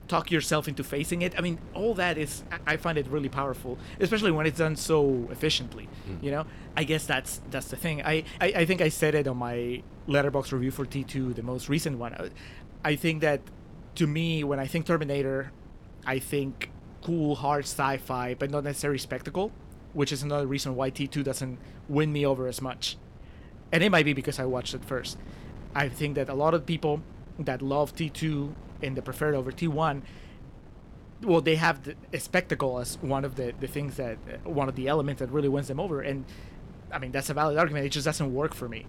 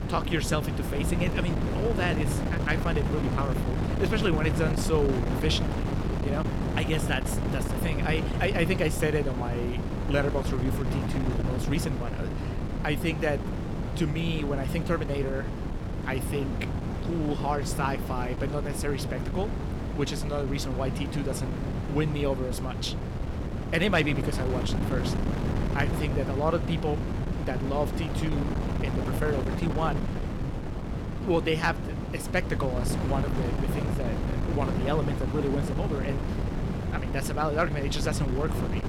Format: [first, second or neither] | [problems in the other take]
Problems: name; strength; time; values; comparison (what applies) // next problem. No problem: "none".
first | wind noise on the microphone; heavy; 5 dB below the speech; occasional gusts in the first